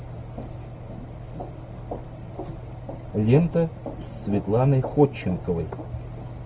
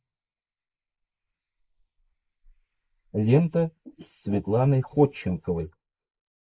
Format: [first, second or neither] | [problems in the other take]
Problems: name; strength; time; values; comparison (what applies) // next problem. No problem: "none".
first | noise reduction (neural mask model Resemble Enhance denoiser)